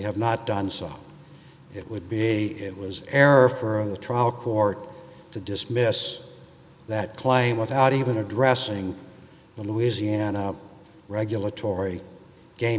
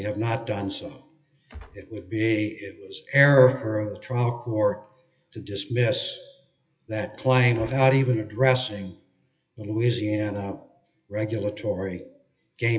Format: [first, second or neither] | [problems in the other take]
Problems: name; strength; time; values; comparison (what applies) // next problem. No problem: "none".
first | noise reduction (classical method WPE with log-MMSE)